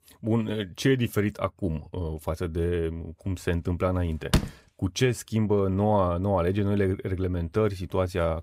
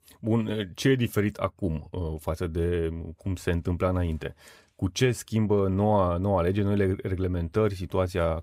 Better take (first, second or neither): second